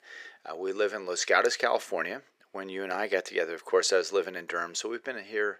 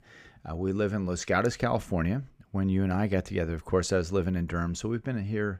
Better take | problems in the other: second | thin; very; fading below 400 Hz

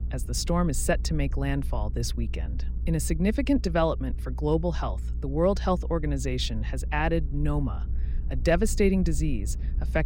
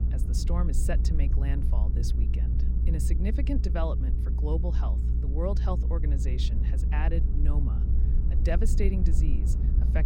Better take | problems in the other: first | low rumble; loud; throughout; 6 dB below the speech; faint in the first

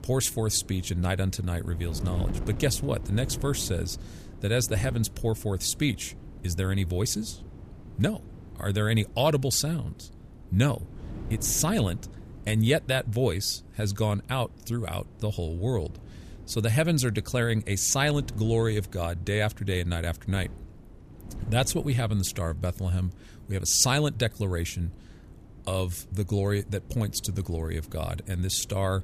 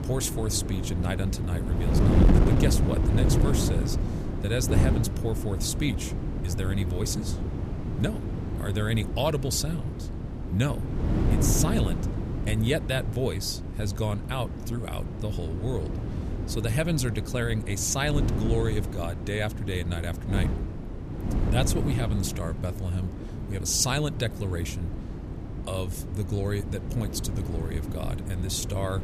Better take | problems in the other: first | wind noise on the microphone; heavy; 5 dB below the speech; occasional gusts in the first

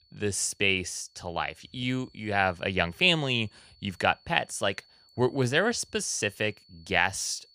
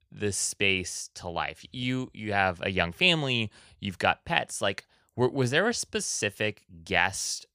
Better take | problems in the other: second | high-pitched whine; faint; throughout; 4.5 kHz, 30 dB below the speech

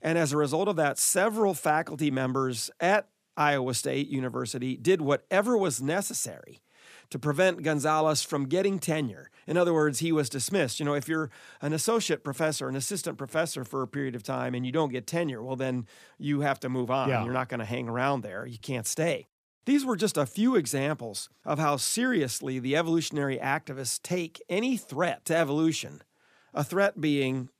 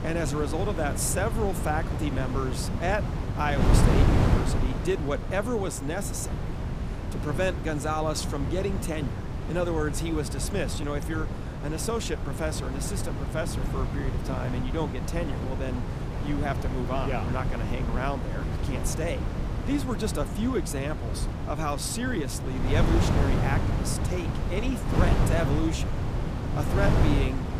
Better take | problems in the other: first | wind noise on the microphone; heavy; 4 dB below the speech

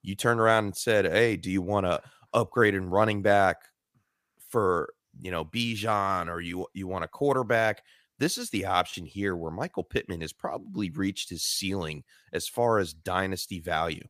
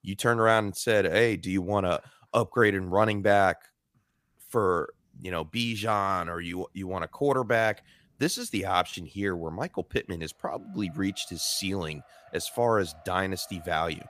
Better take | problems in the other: first | traffic noise; faint; from 4 s on; 30 dB below the speech

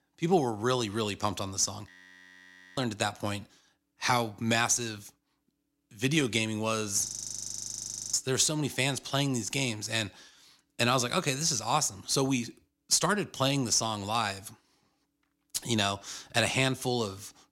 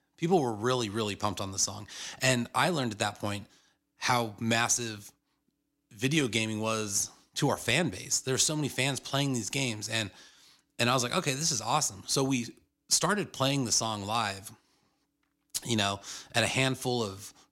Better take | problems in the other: second | audio freezing; at 2 s for 1 s and at 7 s for 1 s

